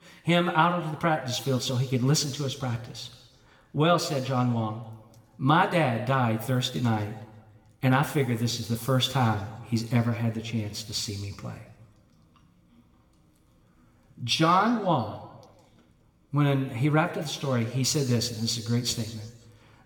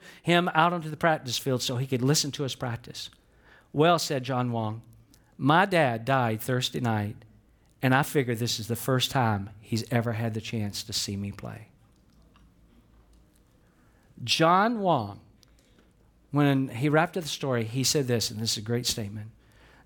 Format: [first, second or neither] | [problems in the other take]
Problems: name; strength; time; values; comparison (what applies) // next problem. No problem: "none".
second | room echo; slight; dies away in 1.1 s